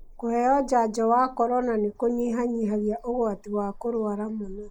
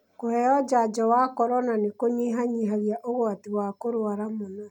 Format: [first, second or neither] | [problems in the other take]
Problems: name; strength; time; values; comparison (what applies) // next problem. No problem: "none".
second | noise reduction (neural mask model Resemble Enhance denoiser)